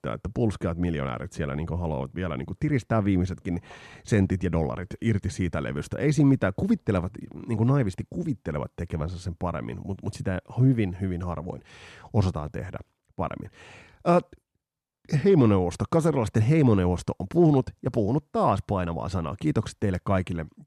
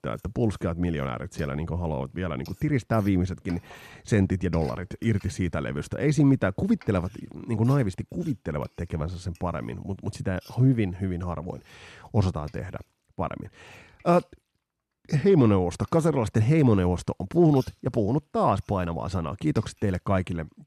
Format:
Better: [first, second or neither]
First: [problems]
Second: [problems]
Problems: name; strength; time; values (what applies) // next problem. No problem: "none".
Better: first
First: none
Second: household noises; faint; throughout; 30 dB below the speech